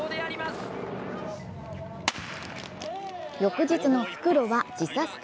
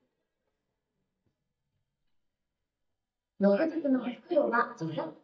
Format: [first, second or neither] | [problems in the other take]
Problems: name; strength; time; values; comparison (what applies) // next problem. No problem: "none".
first | noise reduction (neural mask model DeepFilterNet 3)